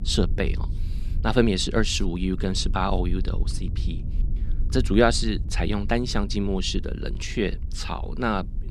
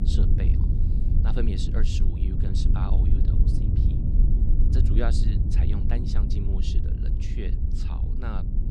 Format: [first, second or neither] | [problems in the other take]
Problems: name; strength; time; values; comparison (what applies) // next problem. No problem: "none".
first | low rumble; loud; throughout; 1 dB below the speech; faint in the first